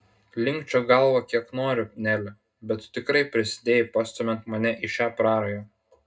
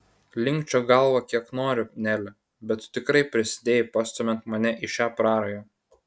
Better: second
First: room echo; dies away in 0.2 s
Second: none

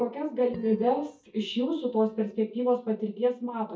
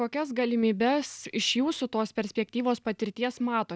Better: second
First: noise reduction (neural mask model DeepFilterNet 3)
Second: none

